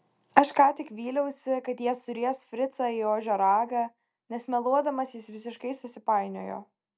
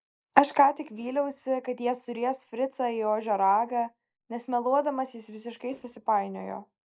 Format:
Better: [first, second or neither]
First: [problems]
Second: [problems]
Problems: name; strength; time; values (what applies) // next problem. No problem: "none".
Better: first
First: none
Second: noise reduction (neural mask model Resemble Enhance denoiser)